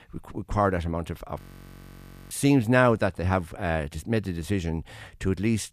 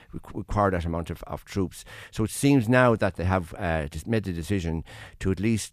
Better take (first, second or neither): second